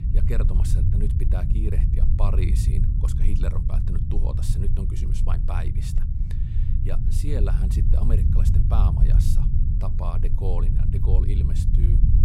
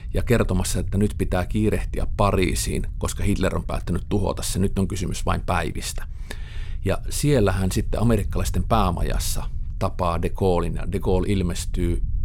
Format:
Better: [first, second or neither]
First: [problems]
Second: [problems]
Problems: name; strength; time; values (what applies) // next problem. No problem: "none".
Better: second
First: low rumble; loud; throughout; 1 dB below the speech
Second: low rumble; faint; throughout; 25 dB below the speech